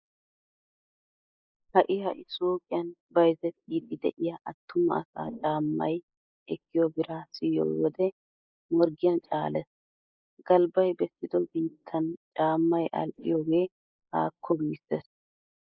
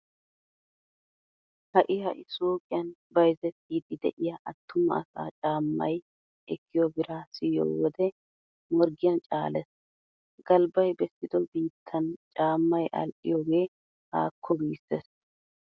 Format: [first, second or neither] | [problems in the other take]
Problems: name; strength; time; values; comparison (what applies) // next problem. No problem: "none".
second | noise reduction (neural mask model Resemble Enhance denoiser)